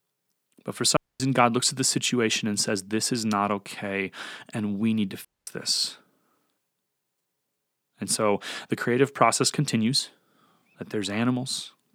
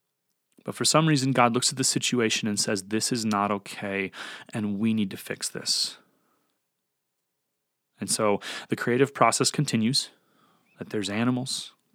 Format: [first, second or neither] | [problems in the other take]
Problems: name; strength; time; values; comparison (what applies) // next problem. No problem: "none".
second | audio cutting out; at 1 s and at 5.5 s